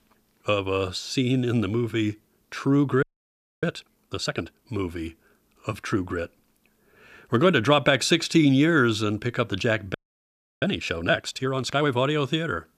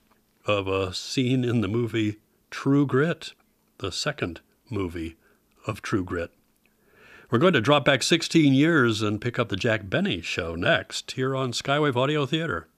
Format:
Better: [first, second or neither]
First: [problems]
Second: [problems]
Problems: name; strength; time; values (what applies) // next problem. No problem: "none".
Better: second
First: audio freezing; at 3 s for 0.5 s and at 10 s for 0.5 s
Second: none